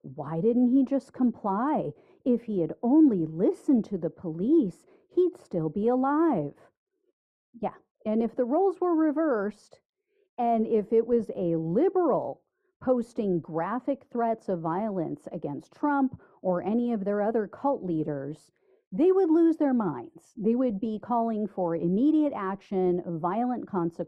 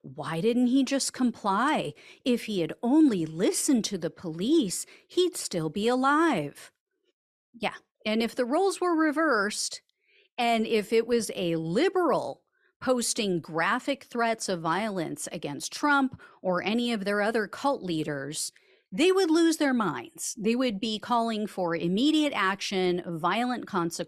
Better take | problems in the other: second | muffled; very; fading above 1.5 kHz

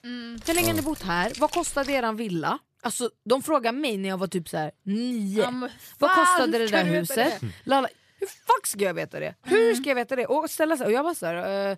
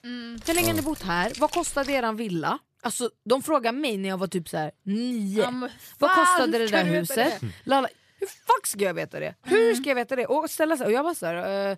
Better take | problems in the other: neither | jangling keys; noticeable; until 2 s; peak 4 dB below the speech; the same in both

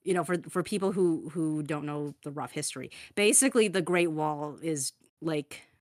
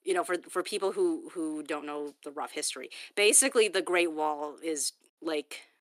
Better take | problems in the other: first | thin; somewhat; fading below 350 Hz

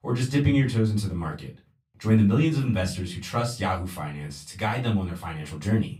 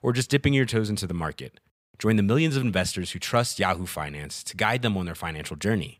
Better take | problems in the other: second | off-mic speech; far // room echo; very slight; dies away in 0.3 s

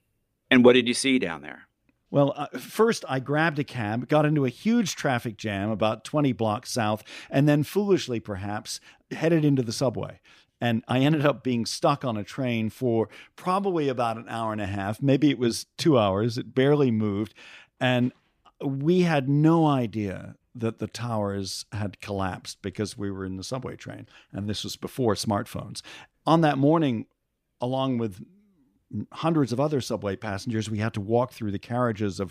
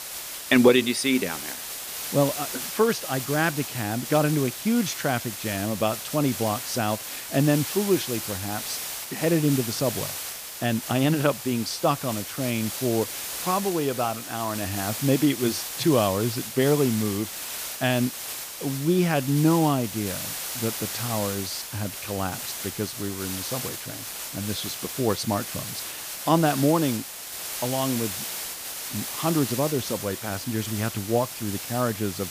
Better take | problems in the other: first | hiss; loud; throughout; 6 dB below the speech

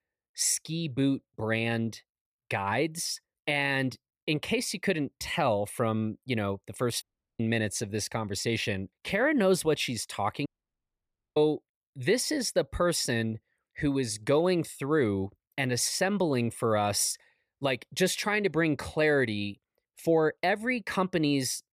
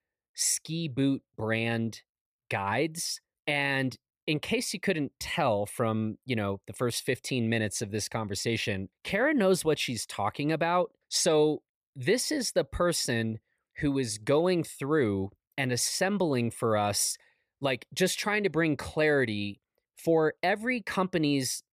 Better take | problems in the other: second | audio cutting out; at 7 s and at 10 s for 1 s

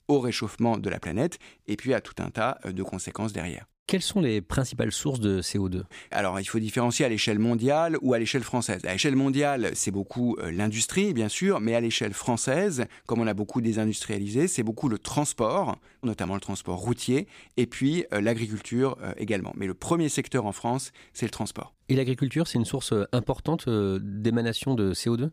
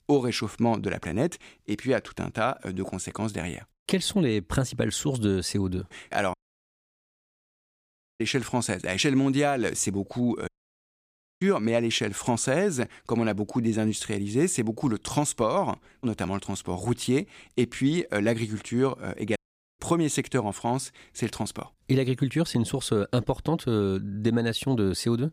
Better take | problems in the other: first | audio cutting out; at 6.5 s for 2 s, at 10 s for 1 s and at 19 s

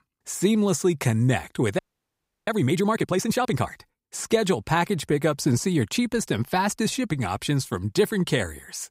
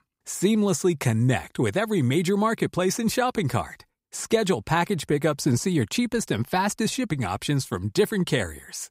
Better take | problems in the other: second | audio freezing; at 2 s for 0.5 s

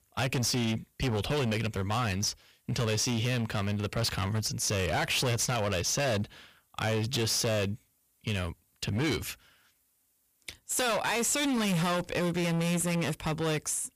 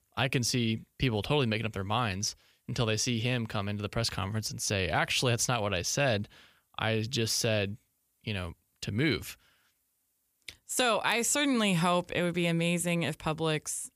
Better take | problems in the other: second | distortion; heavy; 21% of the sound clipped

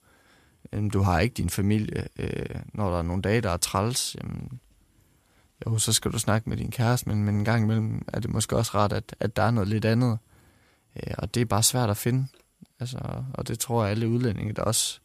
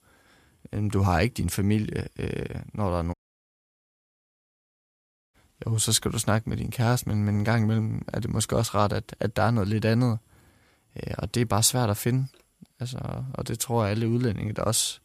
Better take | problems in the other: first | audio cutting out; at 3 s for 2 s

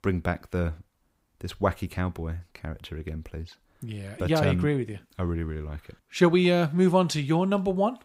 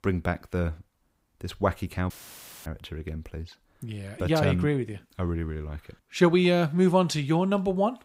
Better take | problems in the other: first | audio cutting out; filled with static; at 2 s for 0.5 s

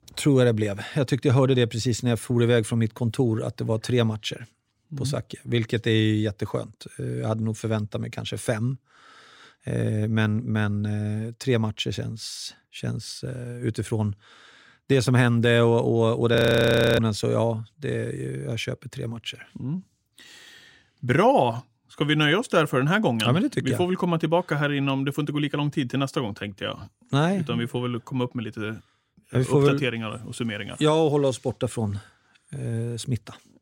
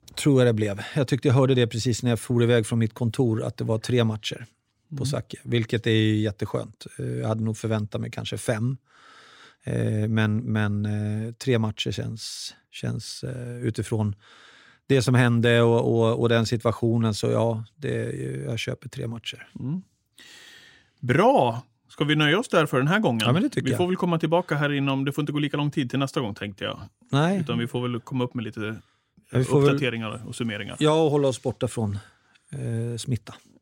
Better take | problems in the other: second | audio freezing; at 16 s for 0.5 s

